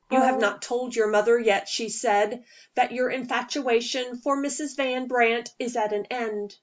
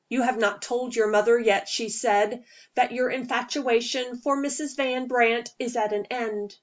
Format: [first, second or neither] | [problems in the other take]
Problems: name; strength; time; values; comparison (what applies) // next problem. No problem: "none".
second | background sound (Brass instrument); 1 dB below the speech